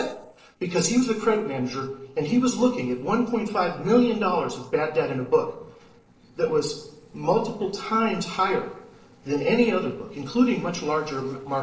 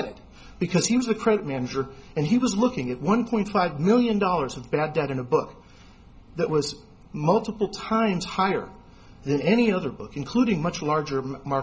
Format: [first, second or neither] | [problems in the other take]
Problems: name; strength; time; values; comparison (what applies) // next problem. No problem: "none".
second | noise reduction (neural separator model SepFormer DNS4)